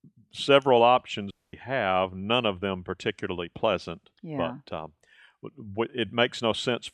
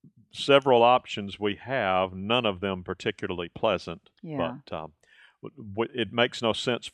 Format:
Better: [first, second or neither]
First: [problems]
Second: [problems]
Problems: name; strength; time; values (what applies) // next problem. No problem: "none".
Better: second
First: audio cutting out; at 1.5 s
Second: none